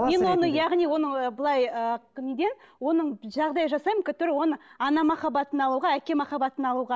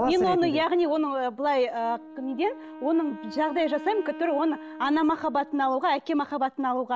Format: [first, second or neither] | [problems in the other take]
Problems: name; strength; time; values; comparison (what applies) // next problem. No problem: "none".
first | background sound (Wind instrument, woodwind instrument); 17 dB below the speech